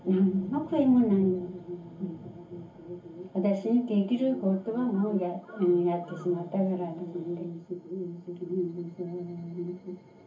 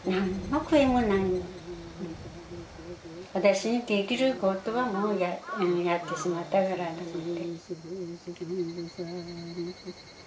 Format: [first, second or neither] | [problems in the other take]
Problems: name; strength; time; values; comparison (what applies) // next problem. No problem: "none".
second | room echo; dies away in 0.3 s